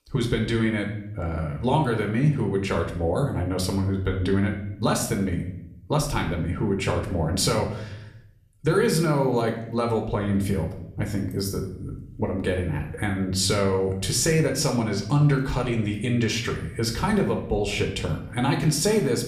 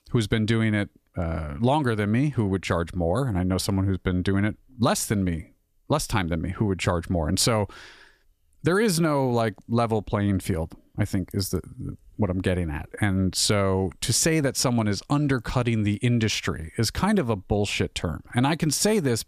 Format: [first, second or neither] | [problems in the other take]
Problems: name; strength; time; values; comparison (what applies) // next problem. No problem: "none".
second | room echo; slight; dies away in 0.6 s // off-mic speech; somewhat distant